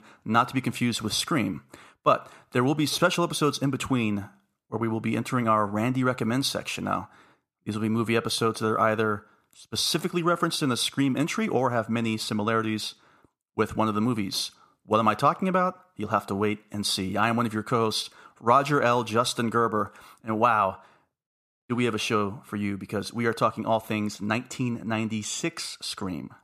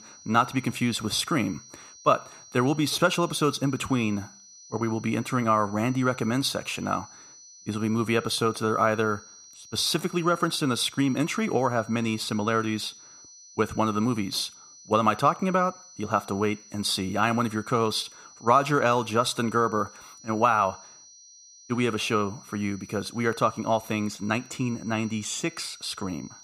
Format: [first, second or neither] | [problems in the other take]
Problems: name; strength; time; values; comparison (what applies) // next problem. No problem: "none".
first | high-pitched whine; faint; throughout; 6 kHz, 20 dB below the speech